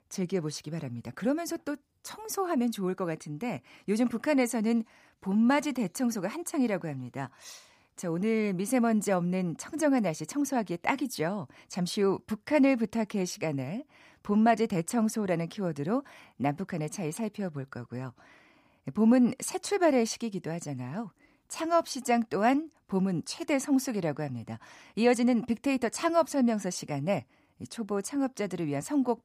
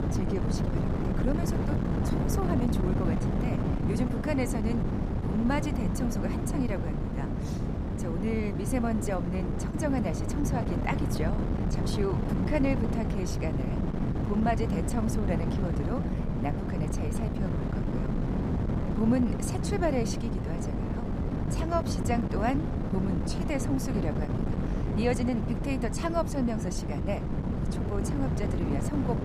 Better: first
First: none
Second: wind noise on the microphone; heavy; 2 dB below the speech

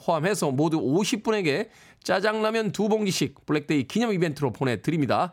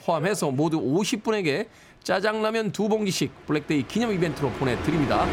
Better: first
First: none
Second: train or aircraft noise; loud; throughout; 10 dB below the speech

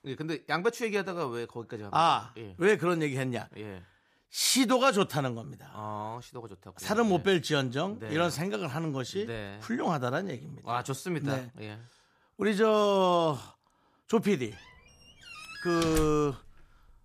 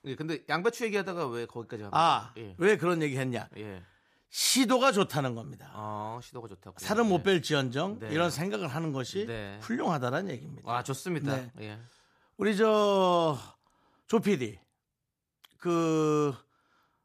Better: second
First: door banging; noticeable; from 15 to 16 s; peak 6 dB below the speech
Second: none

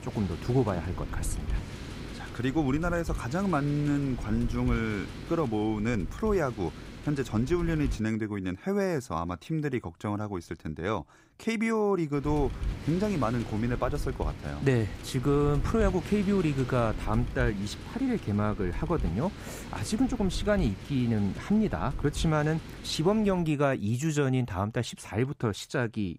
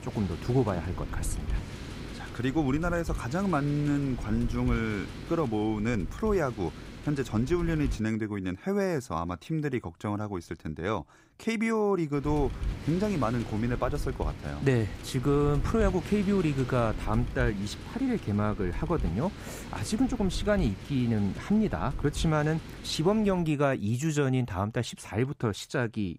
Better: neither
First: wind noise on the microphone; occasional gusts; until 8 s and from 12 to 23 s; 15 dB below the speech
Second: wind noise on the microphone; occasional gusts; until 8 s and from 12 to 23 s; 15 dB below the speech

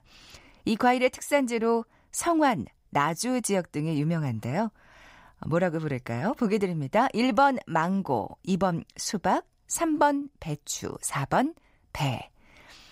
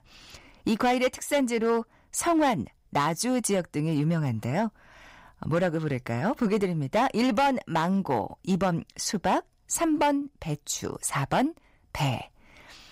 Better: first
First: none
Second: distortion; slight; 5% of the sound clipped

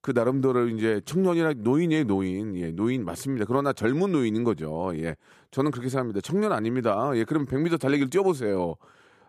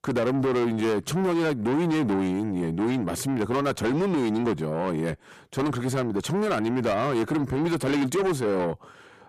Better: first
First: none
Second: distortion; heavy; 7 dB below the speech

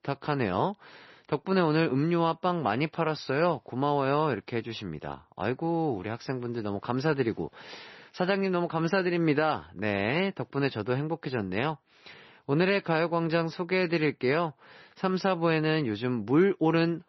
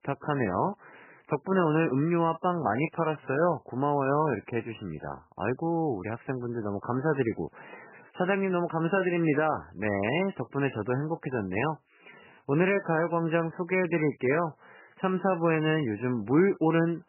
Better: first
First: garbled, watery; slightly; nothing above 5.5 kHz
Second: garbled, watery; badly; nothing above 3 kHz

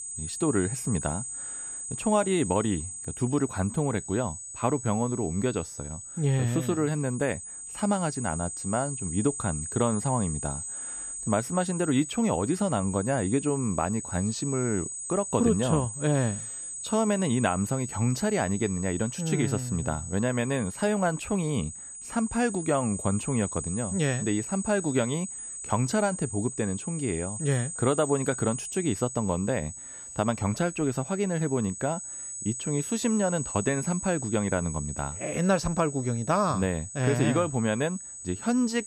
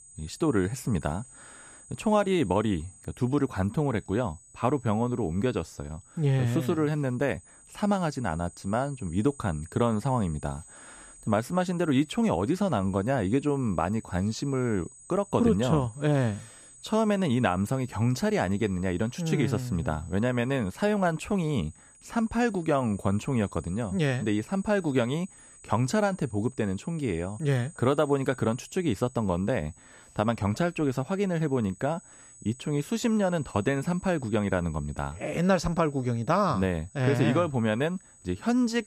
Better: second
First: high-pitched whine; loud; throughout; 8 kHz, 7 dB below the speech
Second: high-pitched whine; faint; throughout; 8 kHz, 20 dB below the speech

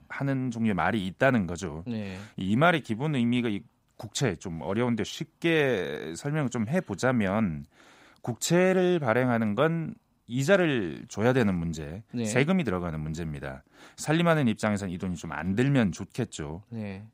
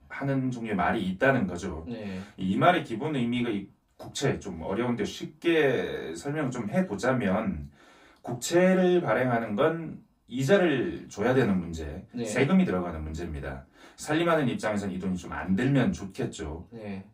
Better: first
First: none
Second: off-mic speech; far // room echo; very slight; dies away in 0.2 s

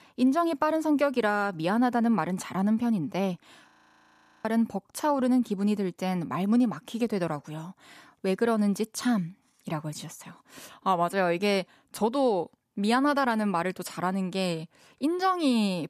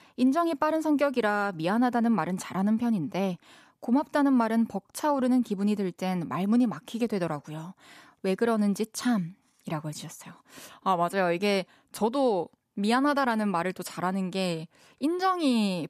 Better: second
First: audio freezing; at 3.5 s for 1 s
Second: none

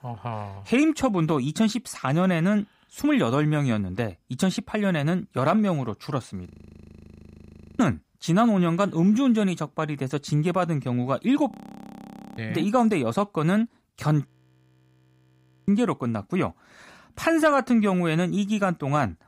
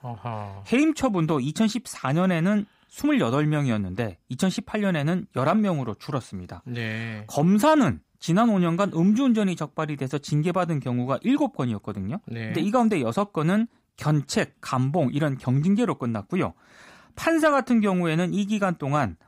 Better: second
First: audio freezing; at 6.5 s for 1.5 s, at 12 s for 1 s and at 14 s for 1.5 s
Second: none

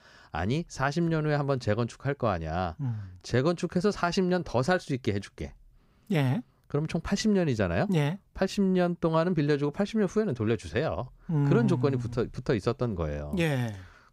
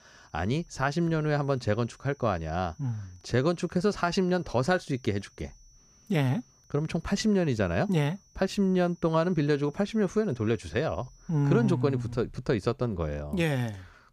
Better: first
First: none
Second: high-pitched whine; faint; until 12 s; 6 kHz, 30 dB below the speech

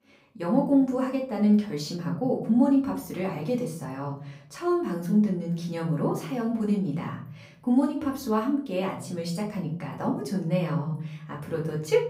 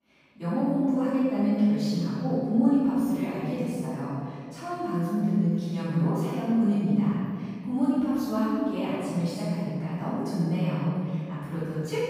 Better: first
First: room echo; slight; dies away in 0.6 s // off-mic speech; far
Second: room echo; strong; dies away in 2.2 s // off-mic speech; far

